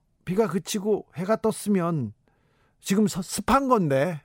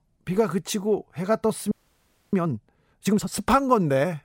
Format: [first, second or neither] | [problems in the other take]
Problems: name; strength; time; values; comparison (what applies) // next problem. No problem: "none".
first | audio freezing; at 1.5 s for 0.5 s